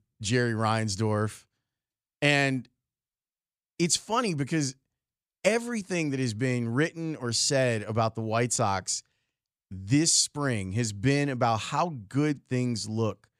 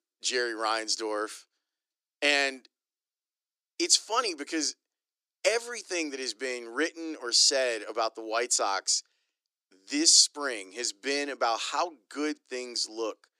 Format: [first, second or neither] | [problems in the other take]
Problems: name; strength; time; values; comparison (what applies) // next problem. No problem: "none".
first | thin; somewhat; fading below 300 Hz